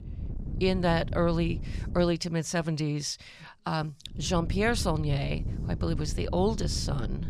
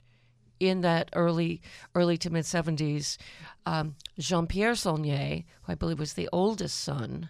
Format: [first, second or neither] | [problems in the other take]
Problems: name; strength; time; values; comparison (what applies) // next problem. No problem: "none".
second | wind noise on the microphone; occasional gusts; until 2 s and from 4 s on; 15 dB below the speech